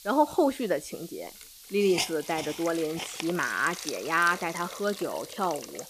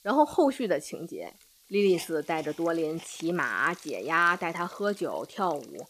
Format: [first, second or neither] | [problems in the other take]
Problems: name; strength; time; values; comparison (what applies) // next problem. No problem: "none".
second | hiss; loud; throughout; 9 dB below the speech; faint in the second